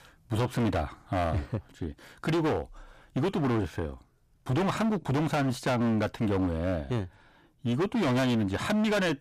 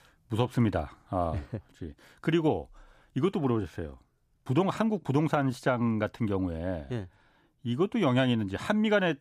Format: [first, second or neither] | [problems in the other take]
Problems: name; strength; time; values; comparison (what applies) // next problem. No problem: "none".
second | distortion; heavy; 20% of the sound clipped